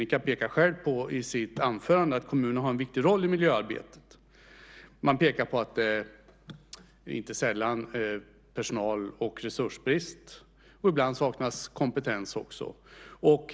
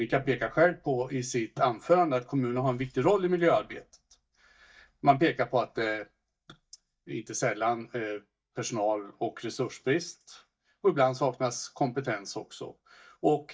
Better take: first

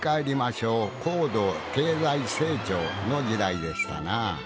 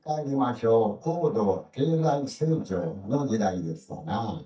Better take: first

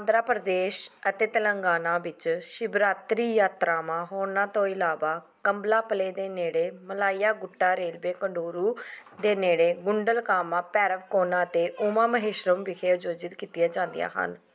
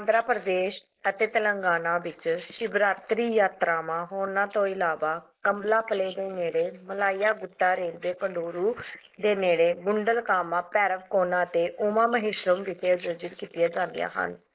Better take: first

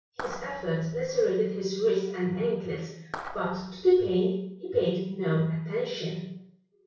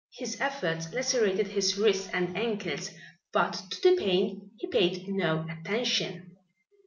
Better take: second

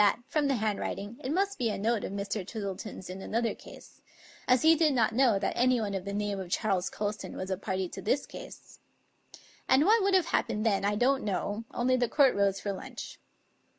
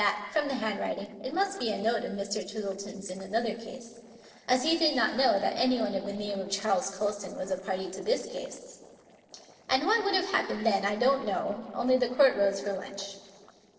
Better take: first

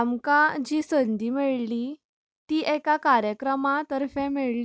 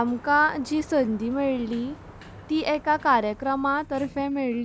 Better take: first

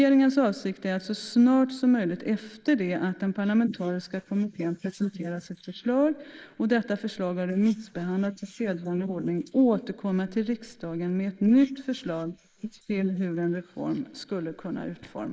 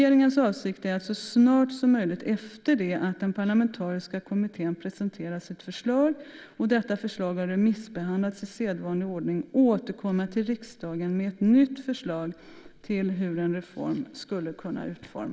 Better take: second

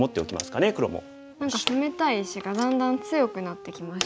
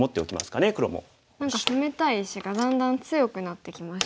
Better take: second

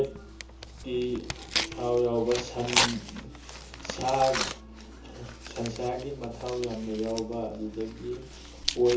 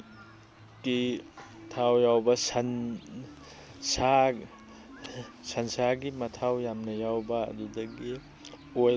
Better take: second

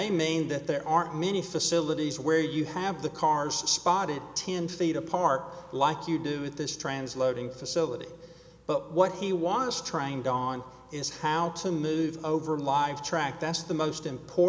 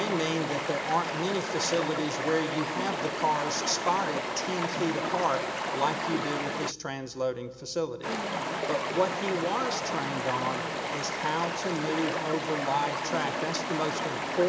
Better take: first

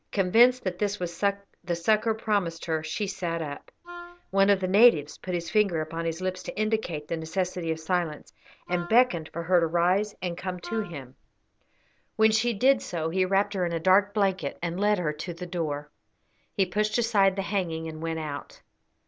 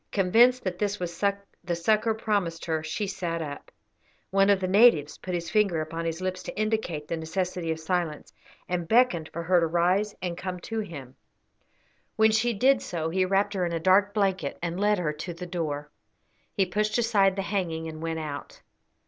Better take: second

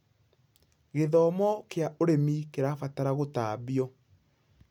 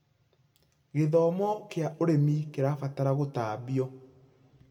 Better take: first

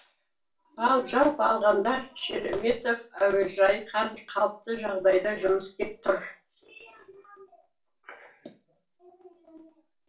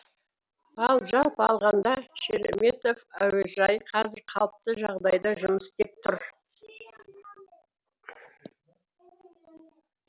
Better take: second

